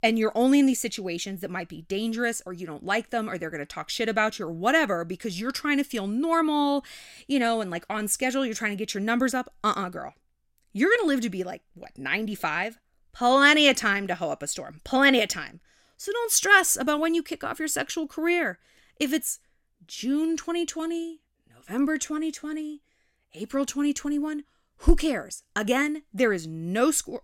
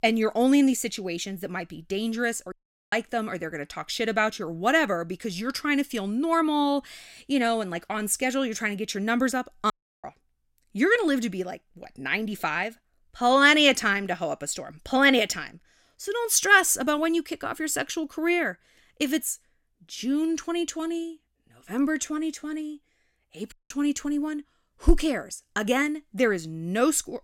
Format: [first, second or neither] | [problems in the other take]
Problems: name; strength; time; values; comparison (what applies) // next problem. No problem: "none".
first | audio cutting out; at 2.5 s, at 9.5 s and at 24 s